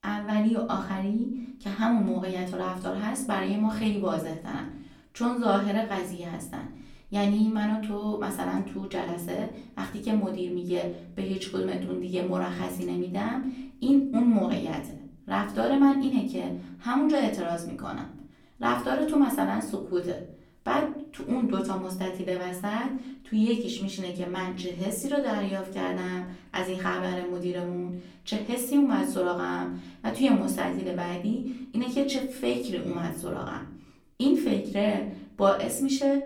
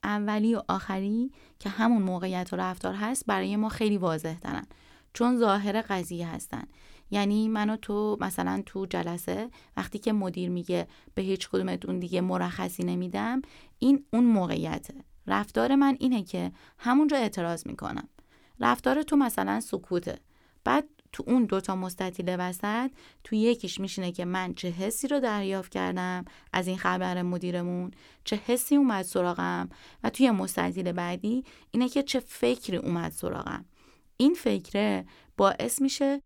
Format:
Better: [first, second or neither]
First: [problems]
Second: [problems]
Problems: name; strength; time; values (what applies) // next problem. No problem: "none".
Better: second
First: room echo; slight; dies away in 0.5 s // off-mic speech; far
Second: none